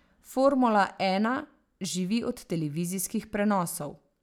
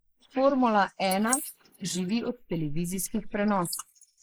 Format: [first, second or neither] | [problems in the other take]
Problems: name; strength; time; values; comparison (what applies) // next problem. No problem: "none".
first | noise reduction (neural mask model Resemble Enhance denoiser)